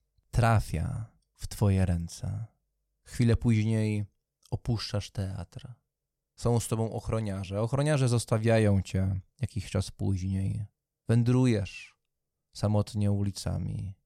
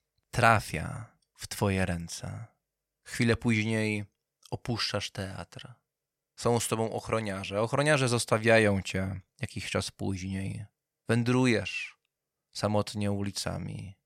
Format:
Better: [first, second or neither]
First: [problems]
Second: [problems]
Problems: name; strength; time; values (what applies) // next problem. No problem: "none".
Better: first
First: none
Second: thin; somewhat; fading below 550 Hz